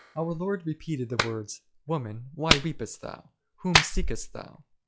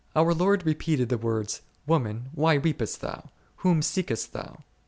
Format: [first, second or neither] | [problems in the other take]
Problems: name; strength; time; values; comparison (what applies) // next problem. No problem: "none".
second | noise reduction (classical method log-MMSE)